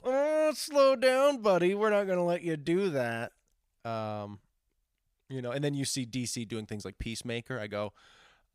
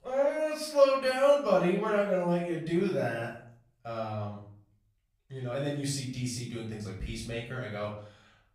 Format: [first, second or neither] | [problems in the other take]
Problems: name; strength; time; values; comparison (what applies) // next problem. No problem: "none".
first | off-mic speech; far // room echo; noticeable; dies away in 0.5 s